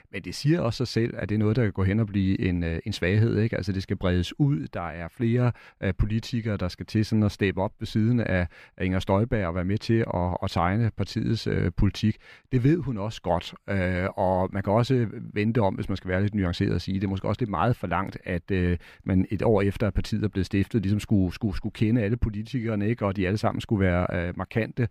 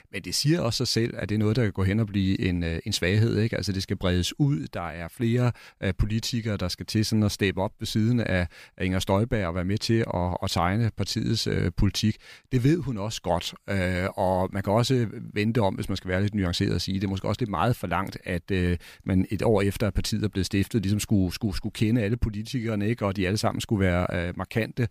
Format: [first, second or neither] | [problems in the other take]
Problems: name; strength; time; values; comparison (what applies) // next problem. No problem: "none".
second | muffled; slightly; fading above 3.5 kHz